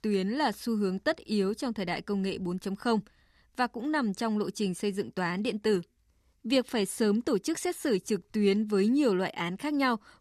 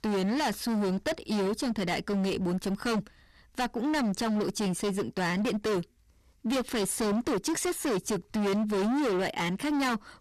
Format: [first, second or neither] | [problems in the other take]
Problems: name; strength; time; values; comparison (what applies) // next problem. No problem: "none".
first | distortion; heavy; 30% of the sound clipped